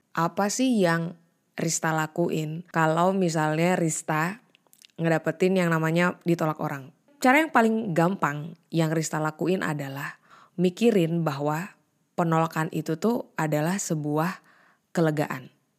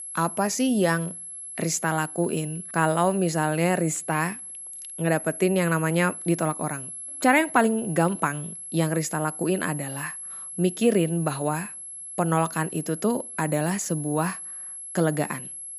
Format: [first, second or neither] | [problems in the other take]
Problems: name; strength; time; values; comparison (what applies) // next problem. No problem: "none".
first | high-pitched whine; loud; throughout; 11 kHz, 10 dB below the speech